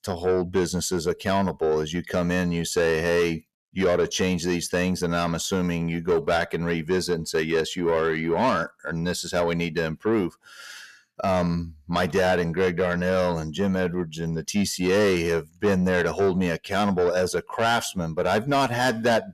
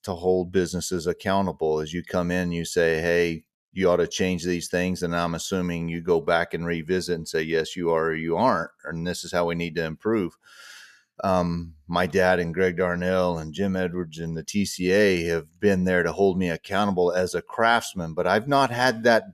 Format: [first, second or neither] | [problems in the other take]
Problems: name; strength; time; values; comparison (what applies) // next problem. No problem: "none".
second | distortion; slight; 10 dB below the speech